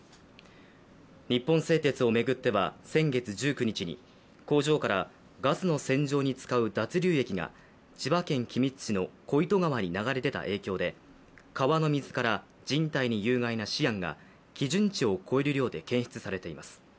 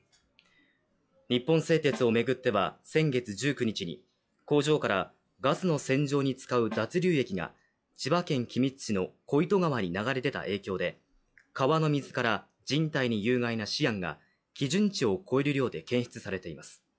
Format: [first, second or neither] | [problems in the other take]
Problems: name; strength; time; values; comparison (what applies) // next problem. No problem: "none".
first | noise reduction (classical method log-MMSE)